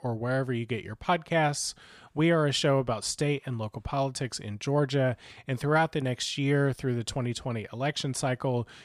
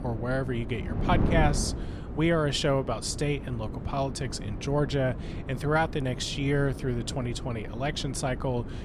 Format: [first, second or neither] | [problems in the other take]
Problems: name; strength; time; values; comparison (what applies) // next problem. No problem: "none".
first | wind noise on the microphone; occasional gusts; 10 dB below the speech